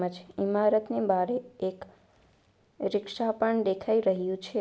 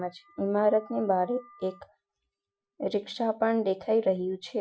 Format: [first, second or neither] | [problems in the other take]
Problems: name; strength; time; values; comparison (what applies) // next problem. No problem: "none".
first | noise reduction (classical method Wiener filter)